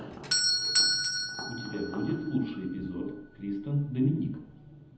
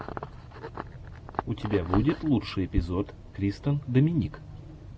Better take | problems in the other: second | background sound (Doorbell); as loud as the speech // room echo; dies away in 0.8 s

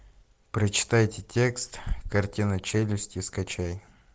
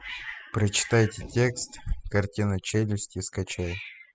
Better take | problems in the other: first | noise reduction (classical method spectral subtraction)

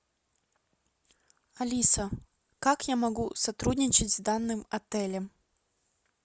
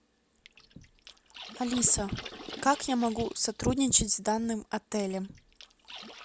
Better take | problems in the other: first | background sound (Water / Splash, splatter); 17 dB below the speech

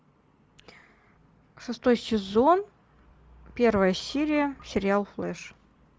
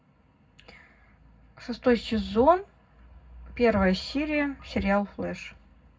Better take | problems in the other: first | room echo; dies away in 0.3 s

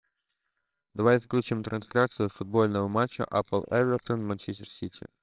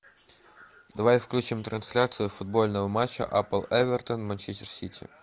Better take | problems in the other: second | noise reduction (neural separator model SepFormer WHAMR!)

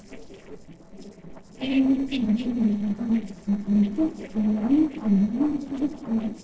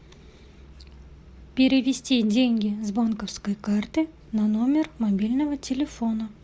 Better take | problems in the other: second | noise reduction (neural separator model SepFormer DNS4)

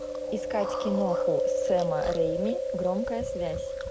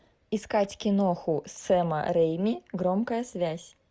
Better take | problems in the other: second | background sound (Chewing, mastication); 2 dB above the speech

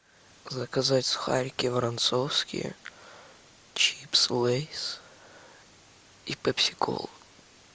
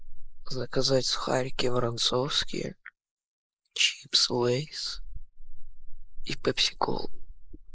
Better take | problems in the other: first | noise reduction (neural mask model Resemble Enhance denoiser)

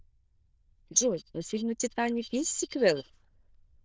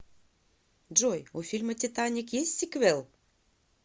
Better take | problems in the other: second | noise reduction (neural diffusion model UNIVERSE++)

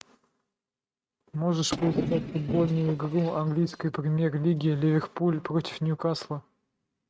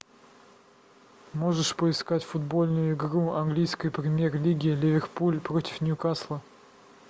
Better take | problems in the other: second | noise reduction (neural mask model RNNoise)

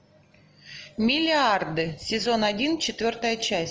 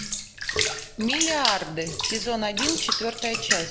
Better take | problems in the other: first | background sound (Bathtub (filling or washing) / Water); 1 dB above the speech

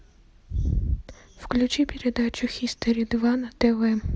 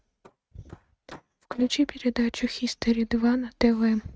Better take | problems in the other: first | noise reduction (neural mask model RNNoise)

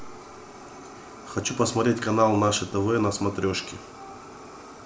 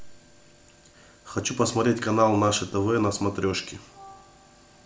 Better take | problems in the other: second | background sound (Fire); 17 dB below the speech

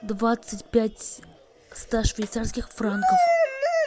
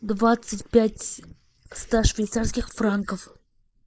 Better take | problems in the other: first | noise reduction (neural mask model Resemble Enhance denoiser)

